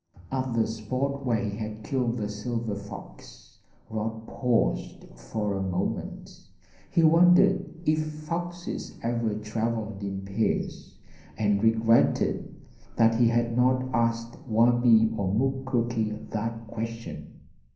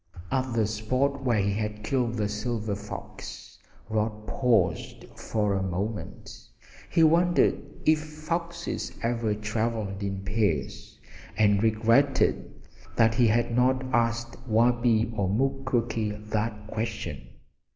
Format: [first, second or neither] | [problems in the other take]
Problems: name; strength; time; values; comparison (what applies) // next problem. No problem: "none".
second | room echo; dies away in 0.6 s